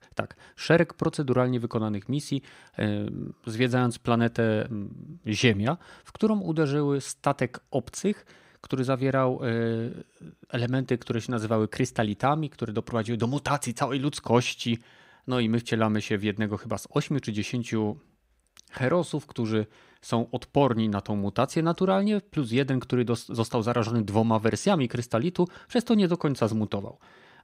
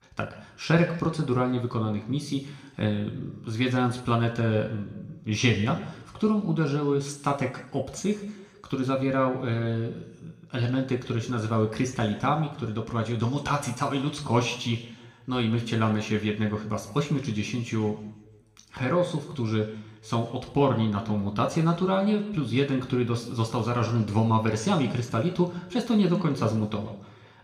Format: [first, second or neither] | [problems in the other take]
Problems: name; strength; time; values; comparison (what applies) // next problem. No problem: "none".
first | room echo; slight; dies away in 1 s // off-mic speech; somewhat distant